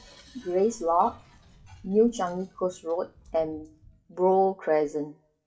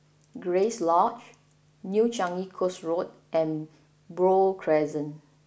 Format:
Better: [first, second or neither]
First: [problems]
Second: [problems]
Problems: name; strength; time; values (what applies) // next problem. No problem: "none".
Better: second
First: noise reduction (classical method WPE with log-MMSE)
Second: none